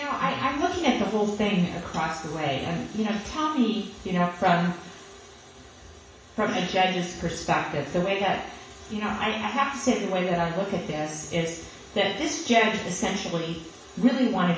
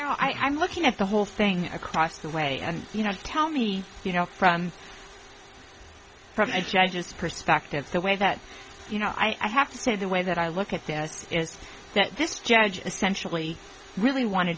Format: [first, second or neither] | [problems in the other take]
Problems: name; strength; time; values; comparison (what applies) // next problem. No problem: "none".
second | room echo; dies away in 0.7 s